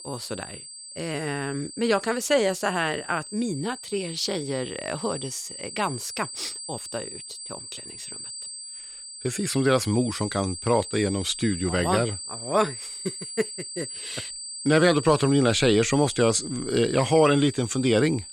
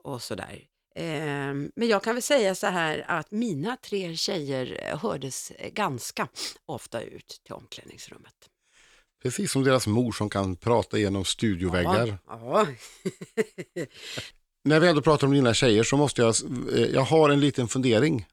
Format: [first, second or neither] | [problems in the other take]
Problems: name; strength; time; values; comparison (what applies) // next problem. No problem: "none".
second | high-pitched whine; noticeable; throughout; 8 kHz, 10 dB below the speech